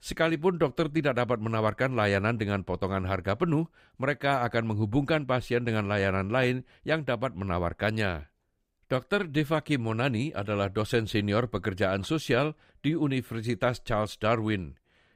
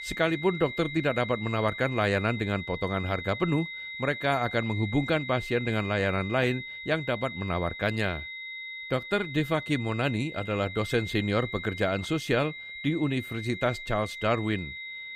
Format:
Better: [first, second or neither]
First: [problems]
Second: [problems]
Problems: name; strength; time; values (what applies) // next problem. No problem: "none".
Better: first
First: none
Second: high-pitched whine; loud; throughout; 2 kHz, 9 dB below the speech